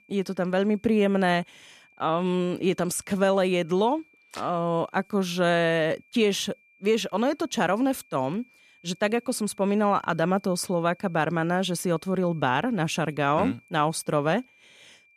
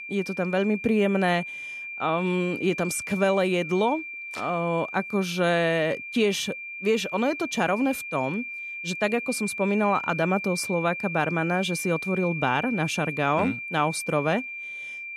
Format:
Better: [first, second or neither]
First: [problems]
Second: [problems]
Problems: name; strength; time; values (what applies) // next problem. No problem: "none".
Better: first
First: high-pitched whine; faint; throughout; 2.5 kHz, 30 dB below the speech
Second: high-pitched whine; loud; throughout; 2.5 kHz, 7 dB below the speech